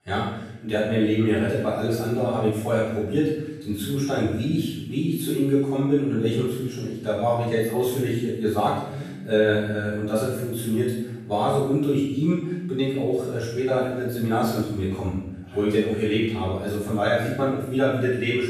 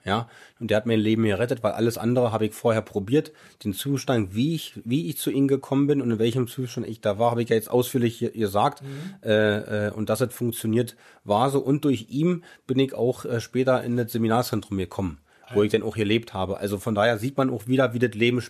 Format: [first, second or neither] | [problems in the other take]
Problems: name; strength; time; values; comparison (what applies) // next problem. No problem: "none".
second | off-mic speech; far // room echo; strong; dies away in 0.8 s